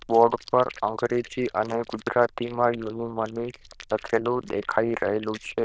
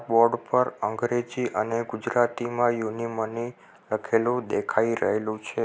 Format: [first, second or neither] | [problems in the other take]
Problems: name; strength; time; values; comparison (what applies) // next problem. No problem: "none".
second | noise reduction (neural diffusion model UNIVERSE++)